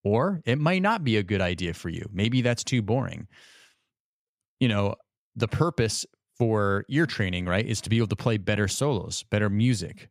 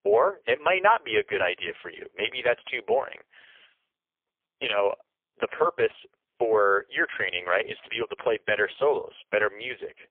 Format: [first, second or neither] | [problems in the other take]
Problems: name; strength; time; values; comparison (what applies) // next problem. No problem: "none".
first | phone-call audio; poor line; nothing above 3.5 kHz